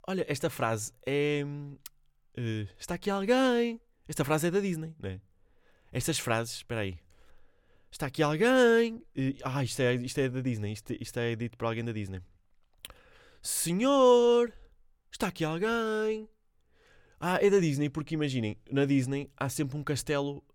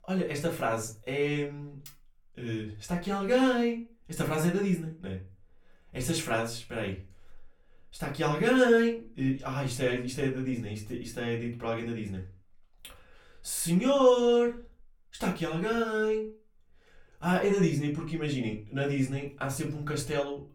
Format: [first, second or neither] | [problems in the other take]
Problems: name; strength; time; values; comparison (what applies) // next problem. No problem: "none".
first | off-mic speech; far // room echo; very slight; dies away in 0.3 s